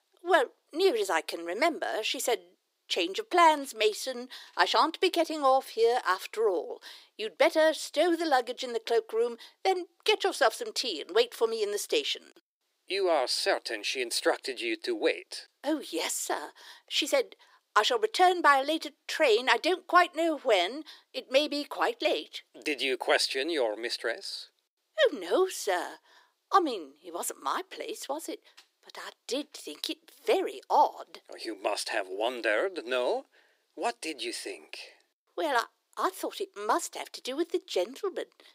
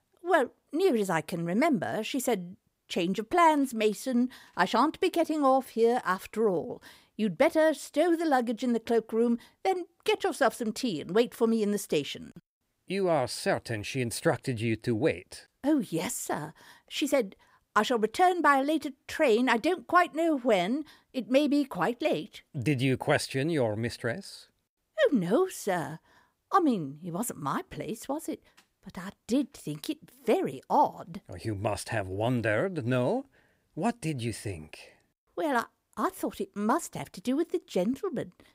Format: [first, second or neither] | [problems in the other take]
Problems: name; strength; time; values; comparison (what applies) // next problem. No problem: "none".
second | thin; very; fading below 350 Hz